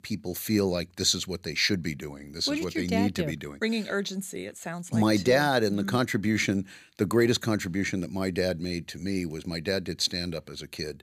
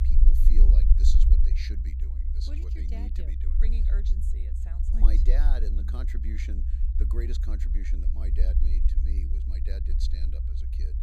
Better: first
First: none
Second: low rumble; loud; throughout; 2 dB below the speech

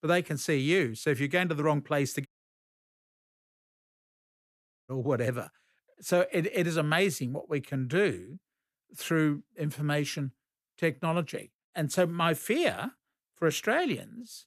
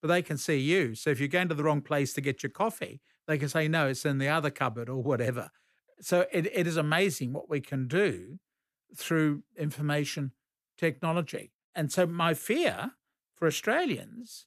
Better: second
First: audio cutting out; at 2.5 s for 2.5 s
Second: none

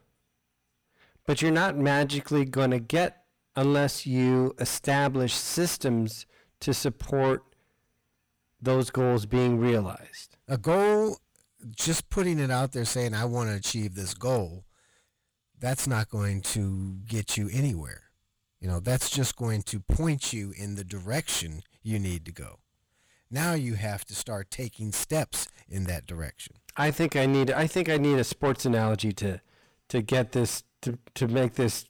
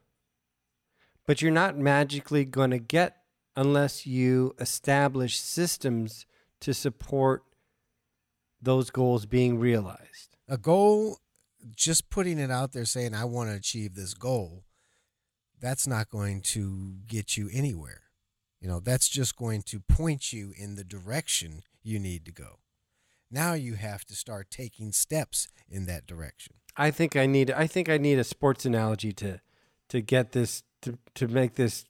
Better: second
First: distortion; heavy; 7 dB below the speech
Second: none

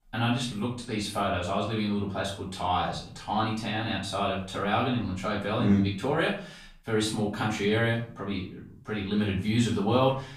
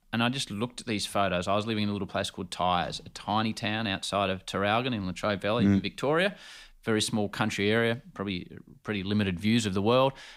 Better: second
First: off-mic speech; far // room echo; noticeable; dies away in 0.4 s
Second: none

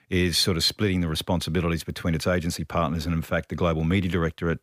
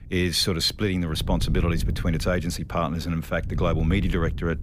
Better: first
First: none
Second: wind noise on the microphone; occasional gusts; 15 dB below the speech

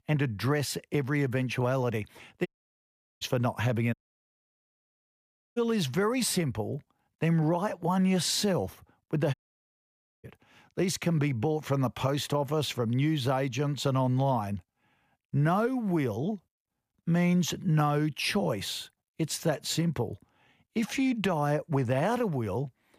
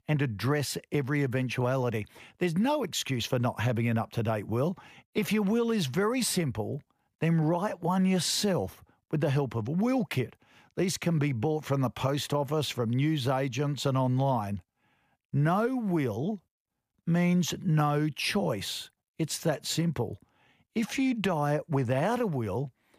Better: second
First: audio cutting out; at 2.5 s for 1 s, at 4 s for 1.5 s and at 9.5 s for 1 s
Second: none

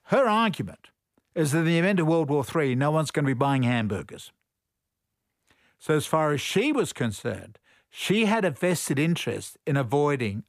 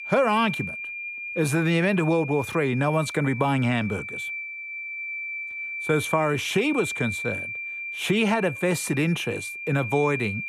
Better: first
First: none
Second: high-pitched whine; loud; throughout; 2.5 kHz, 7 dB below the speech

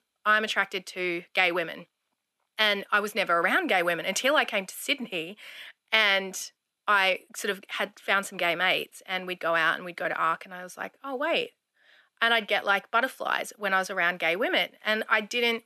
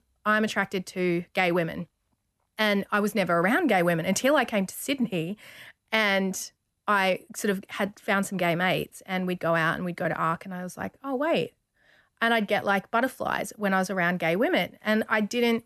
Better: second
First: thin; somewhat; fading below 350 Hz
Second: none

